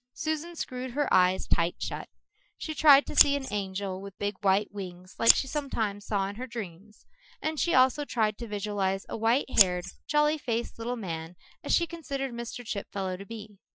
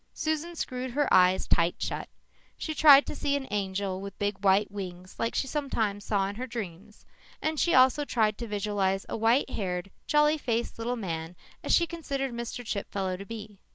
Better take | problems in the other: second | noise reduction (classical method Wiener filter)

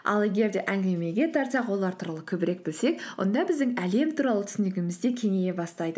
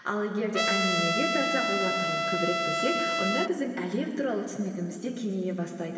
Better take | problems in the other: first | background sound (Trumpet); 2 dB above the speech // room echo; dies away in 2.7 s

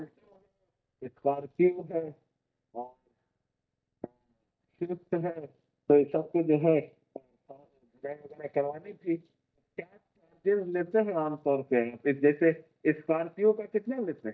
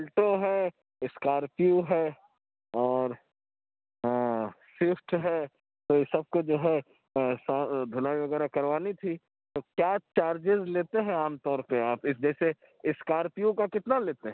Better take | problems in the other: second | noise reduction (neural mask model DeepFilterNet 3)

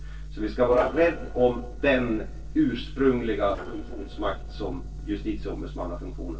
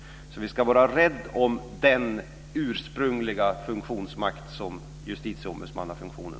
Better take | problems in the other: second | noise reduction (neural separator model SepFormer DNS4)

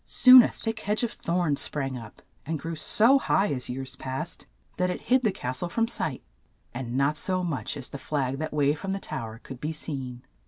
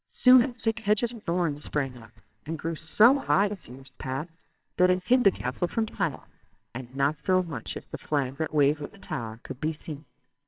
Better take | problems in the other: first | noise reduction (neural separator model SepFormer WHAMR!)

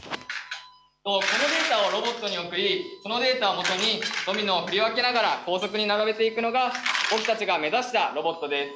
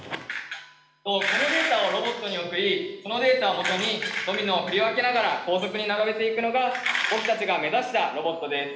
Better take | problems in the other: first | room echo; dies away in 1.1 s

